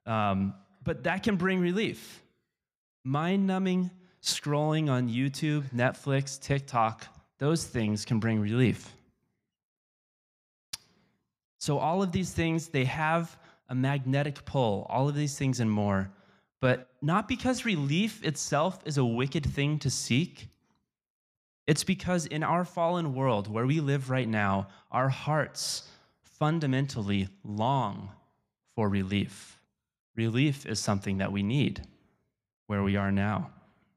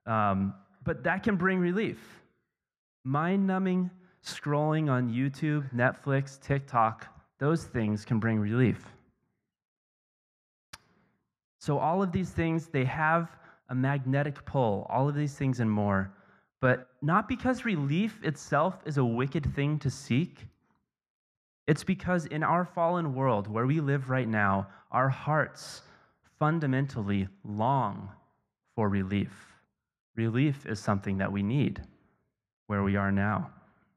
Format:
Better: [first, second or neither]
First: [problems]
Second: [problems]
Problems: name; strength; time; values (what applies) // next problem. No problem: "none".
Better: first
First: none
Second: muffled; slightly; fading above 2.5 kHz